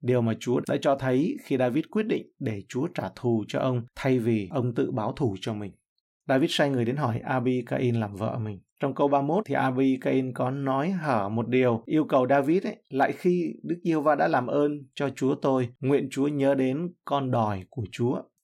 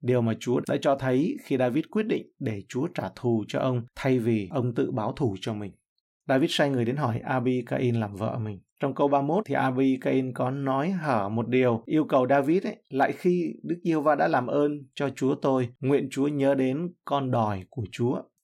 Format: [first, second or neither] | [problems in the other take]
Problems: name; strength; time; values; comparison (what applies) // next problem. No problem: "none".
neither | none